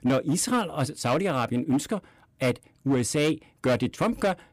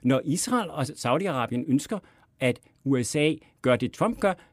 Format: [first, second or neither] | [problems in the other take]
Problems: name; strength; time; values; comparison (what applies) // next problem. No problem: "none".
second | distortion; slight; 8% of the sound clipped